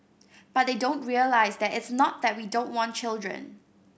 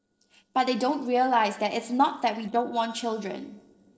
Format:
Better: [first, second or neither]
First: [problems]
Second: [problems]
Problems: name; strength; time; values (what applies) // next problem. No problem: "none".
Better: first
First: none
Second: noise reduction (neural separator model SepFormer DNS4)